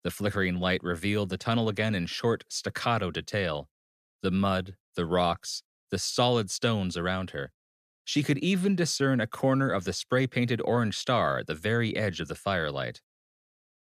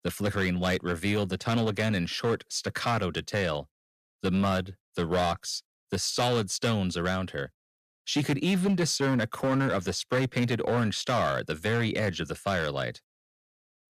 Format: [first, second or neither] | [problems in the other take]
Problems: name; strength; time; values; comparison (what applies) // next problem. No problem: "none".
first | distortion; slight; 7% of the sound clipped